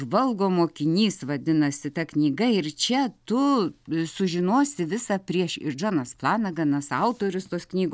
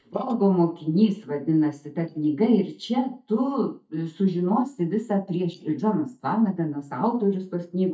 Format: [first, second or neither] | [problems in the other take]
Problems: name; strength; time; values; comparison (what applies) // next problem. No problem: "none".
first | noise reduction (neural mask model DeepFilterNet 3)